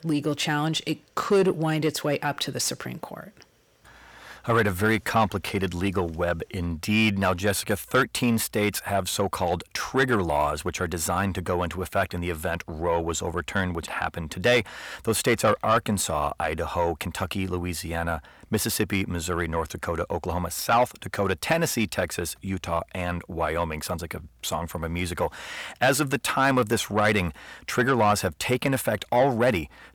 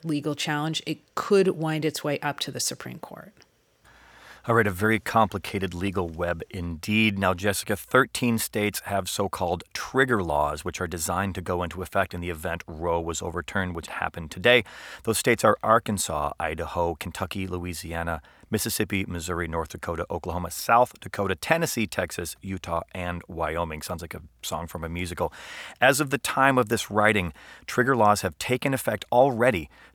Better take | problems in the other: second | distortion; slight; 10 dB below the speech

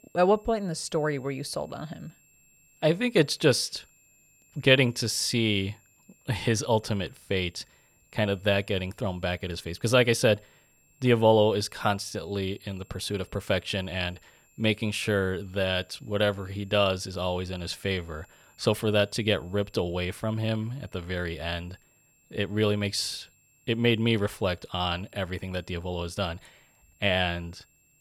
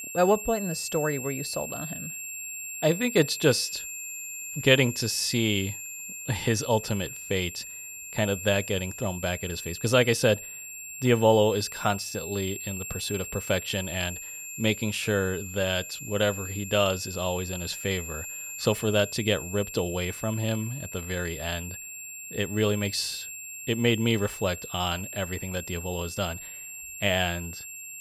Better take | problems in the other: first | high-pitched whine; loud; throughout; 7.5 kHz, 9 dB below the speech; faint in the first

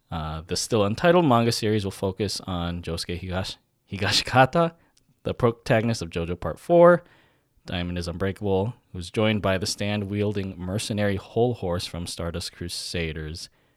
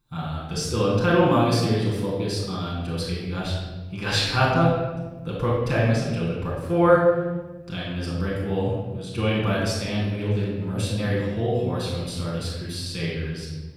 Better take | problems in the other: first | off-mic speech; far // room echo; noticeable; dies away in 1.3 s

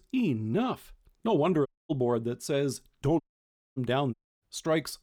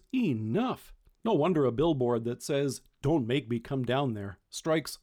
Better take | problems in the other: second | audio cutting out; at 1.5 s, at 3 s for 0.5 s and at 4 s

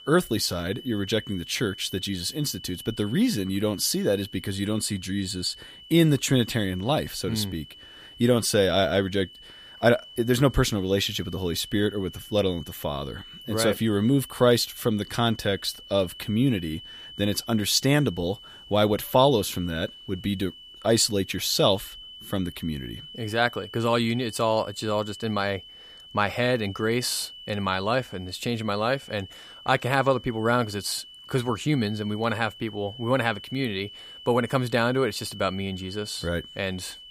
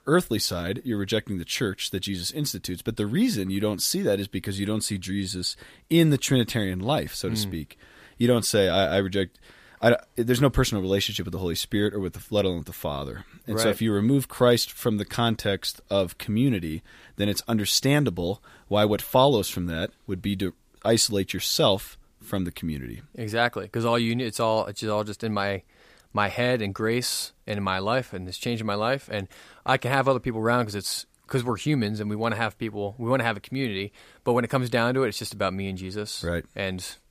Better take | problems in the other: second | high-pitched whine; noticeable; throughout; 3 kHz, 15 dB below the speech

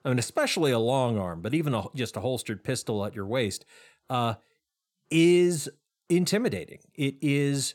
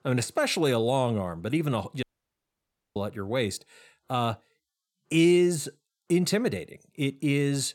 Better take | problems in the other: first | audio cutting out; at 2 s for 1 s

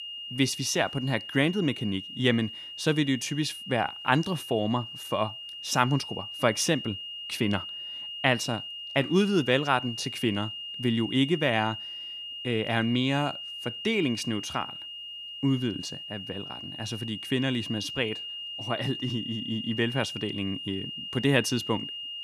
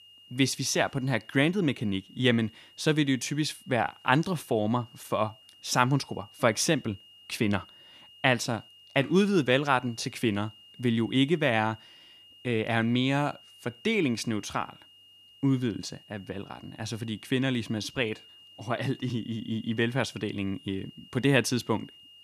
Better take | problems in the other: second | high-pitched whine; loud; throughout; 3 kHz, 8 dB below the speech; faint in the second

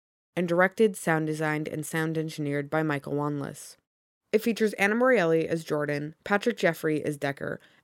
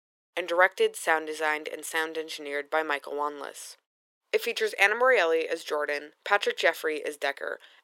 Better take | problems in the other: first | thin; very; fading below 400 Hz

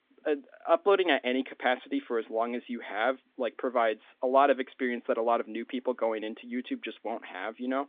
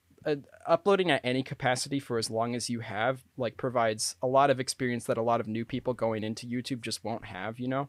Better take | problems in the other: second | phone-call audio; nothing above 3.5 kHz

